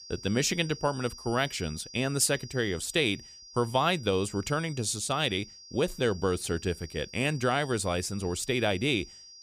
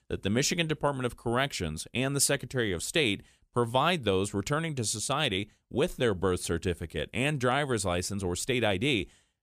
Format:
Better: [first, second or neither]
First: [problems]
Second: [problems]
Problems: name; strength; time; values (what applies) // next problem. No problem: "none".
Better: second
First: high-pitched whine; noticeable; throughout; 5 kHz, 15 dB below the speech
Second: none